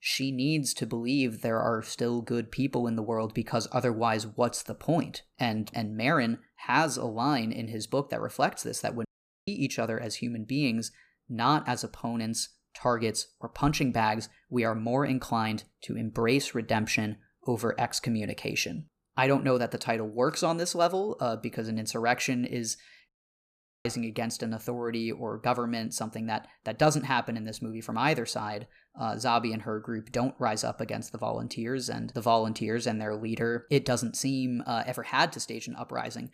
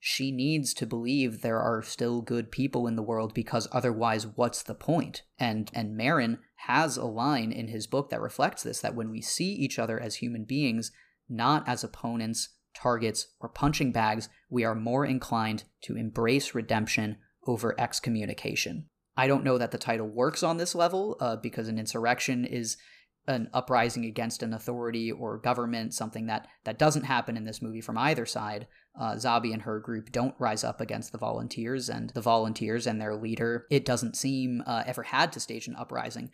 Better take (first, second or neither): second